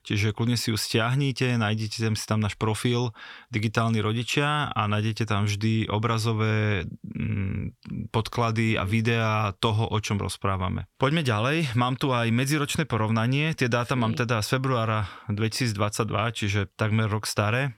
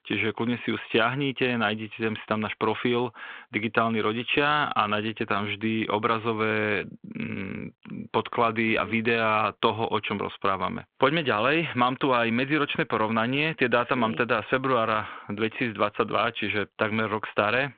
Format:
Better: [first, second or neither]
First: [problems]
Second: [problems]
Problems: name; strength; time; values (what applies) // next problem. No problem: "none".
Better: first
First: none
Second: phone-call audio